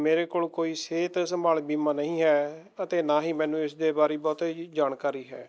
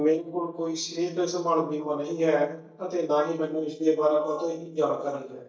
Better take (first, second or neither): first